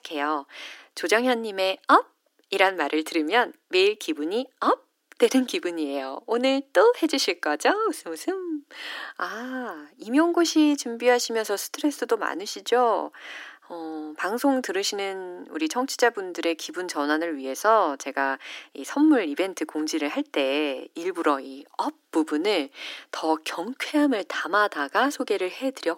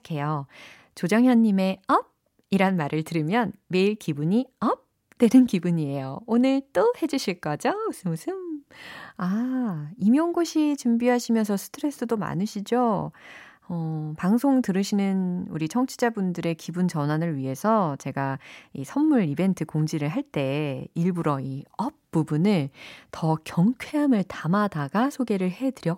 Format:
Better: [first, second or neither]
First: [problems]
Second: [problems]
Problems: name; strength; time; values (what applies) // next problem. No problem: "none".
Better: second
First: thin; somewhat; fading below 300 Hz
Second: none